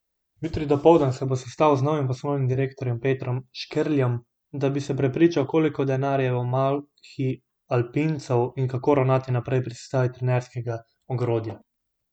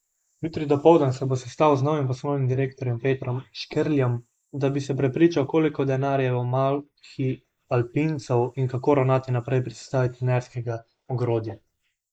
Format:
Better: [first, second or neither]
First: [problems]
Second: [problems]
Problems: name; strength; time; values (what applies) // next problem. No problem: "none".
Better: first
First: none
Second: noise reduction (neural mask model Resemble Enhance denoiser)